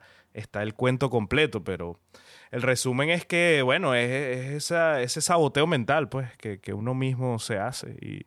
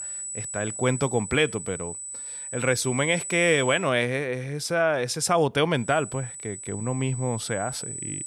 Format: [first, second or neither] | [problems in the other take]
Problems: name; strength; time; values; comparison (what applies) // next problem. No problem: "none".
first | high-pitched whine; loud; until 4 s and from 6 s on; 8 kHz, 8 dB below the speech